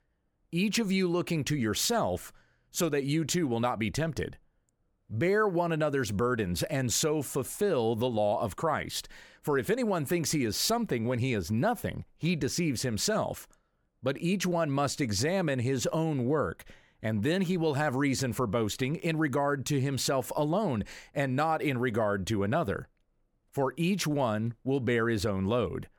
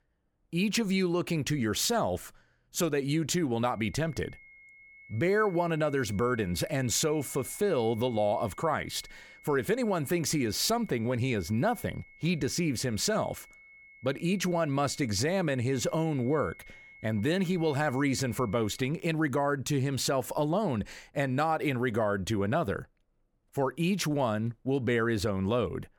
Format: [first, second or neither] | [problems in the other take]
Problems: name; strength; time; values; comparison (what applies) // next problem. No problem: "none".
first | high-pitched whine; faint; from 3.5 to 19 s; 2 kHz, 20 dB below the speech